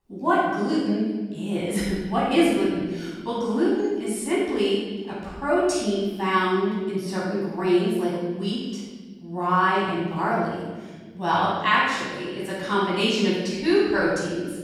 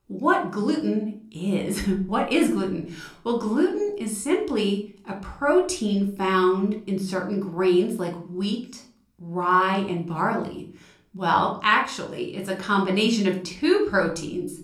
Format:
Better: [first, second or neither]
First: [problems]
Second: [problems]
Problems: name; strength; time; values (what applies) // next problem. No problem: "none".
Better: second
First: room echo; strong; dies away in 1.4 s // off-mic speech; far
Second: room echo; slight; dies away in 0.4 s // off-mic speech; somewhat distant